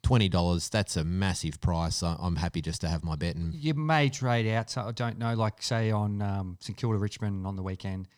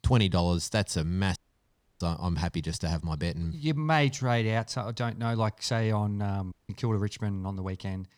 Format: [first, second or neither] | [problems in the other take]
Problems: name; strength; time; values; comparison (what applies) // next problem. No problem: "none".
first | audio cutting out; at 1.5 s for 0.5 s and at 6.5 s